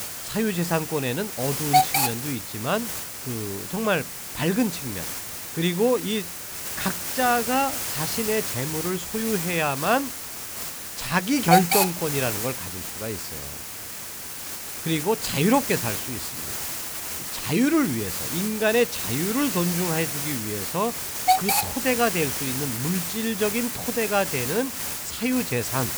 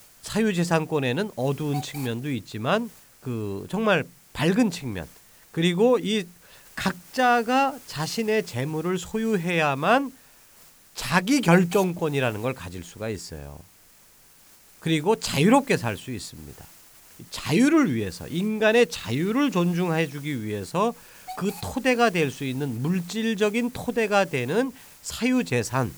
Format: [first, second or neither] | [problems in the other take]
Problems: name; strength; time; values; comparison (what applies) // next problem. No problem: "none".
second | hiss; loud; throughout; 1 dB below the speech; faint in the second